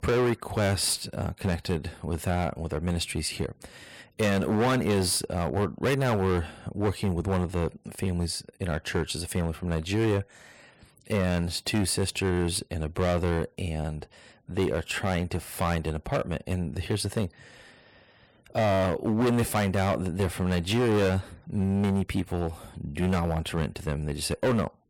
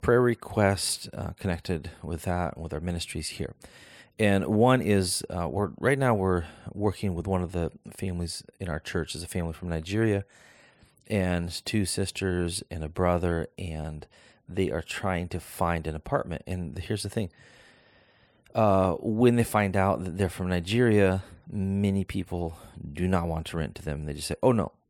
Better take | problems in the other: second | distortion; heavy; 11% of the sound clipped

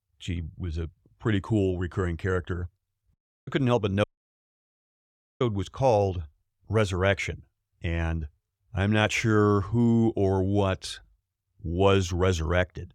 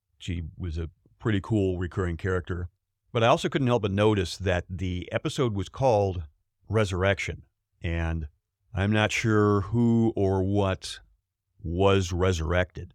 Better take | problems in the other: second | audio cutting out; at 3 s and at 4 s for 1.5 s

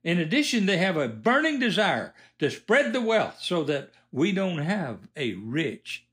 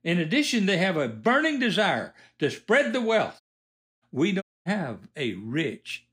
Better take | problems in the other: first | audio cutting out; at 3.5 s for 0.5 s and at 4.5 s

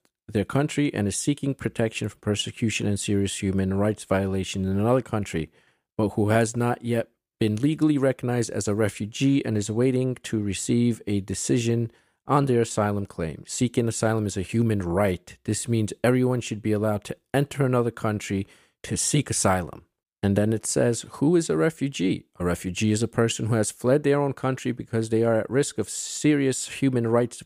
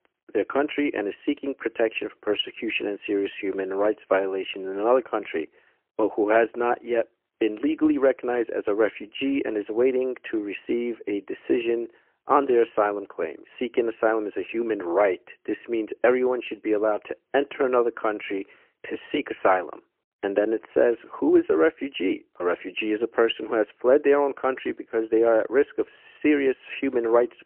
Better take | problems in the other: first | phone-call audio; poor line; nothing above 3 kHz

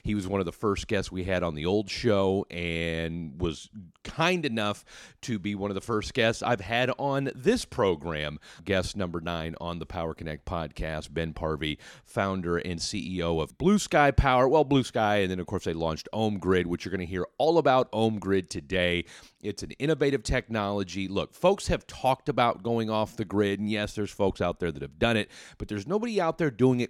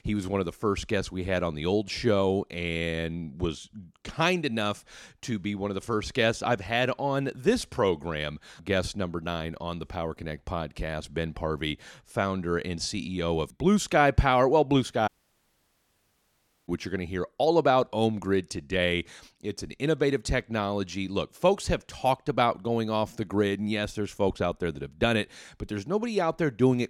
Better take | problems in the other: first | audio cutting out; at 15 s for 1.5 s

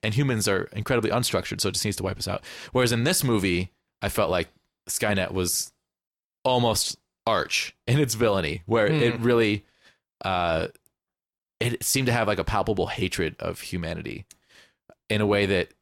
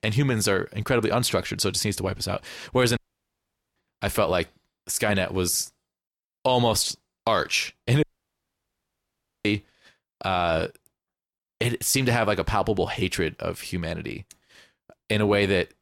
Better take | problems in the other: first | audio cutting out; at 3 s for 1 s and at 8 s for 1.5 s

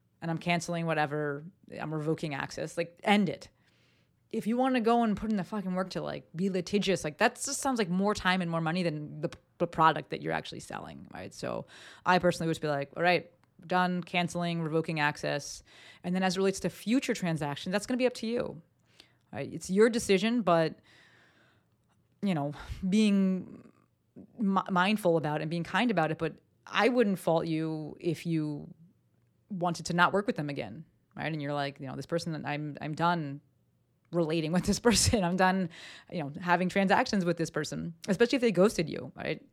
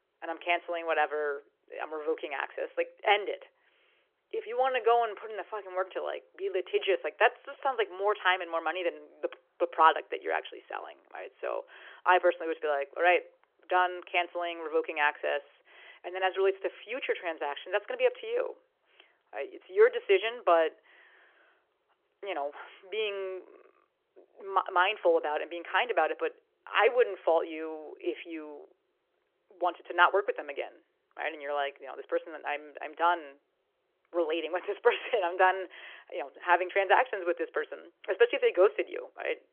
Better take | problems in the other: first | phone-call audio; nothing above 3.5 kHz

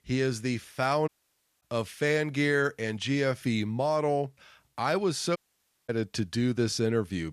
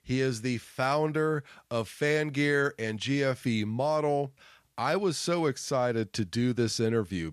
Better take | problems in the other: second | audio cutting out; at 1 s for 0.5 s and at 5.5 s for 0.5 s

